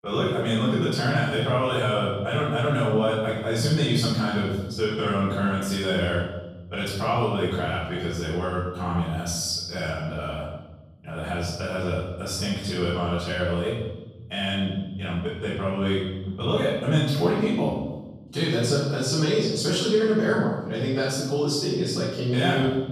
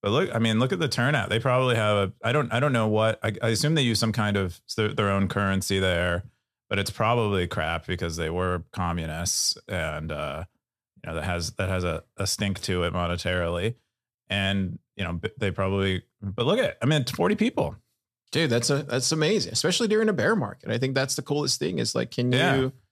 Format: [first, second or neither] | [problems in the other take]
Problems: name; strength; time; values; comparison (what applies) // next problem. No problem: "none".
second | off-mic speech; far // room echo; strong; dies away in 1.1 s